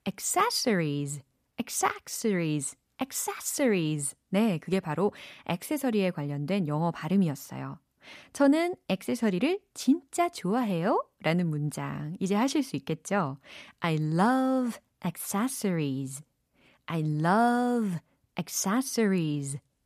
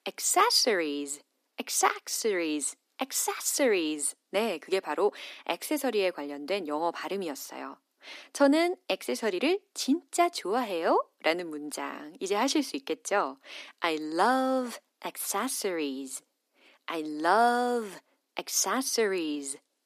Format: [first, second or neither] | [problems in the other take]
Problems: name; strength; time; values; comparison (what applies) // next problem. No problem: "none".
first | thin; somewhat; fading below 300 Hz